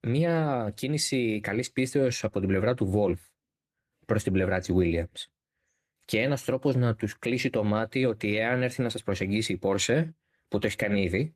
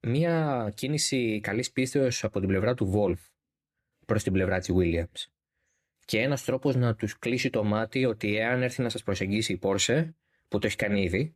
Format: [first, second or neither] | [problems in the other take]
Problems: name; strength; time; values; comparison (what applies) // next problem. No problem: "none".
second | garbled, watery; slightly; nothing above 14.5 kHz